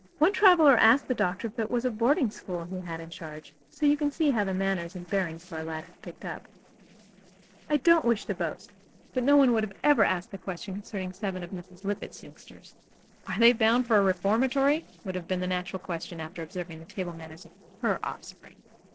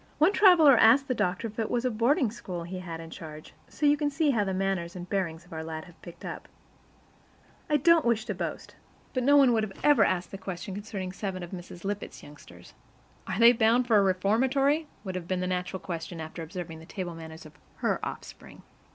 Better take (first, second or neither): second